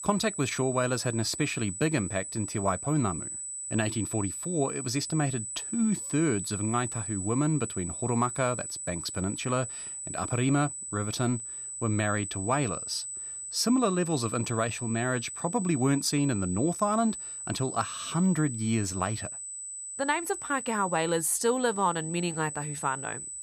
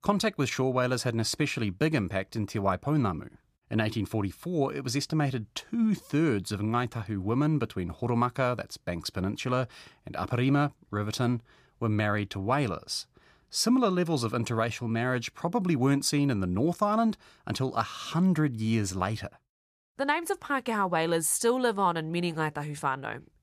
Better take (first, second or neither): second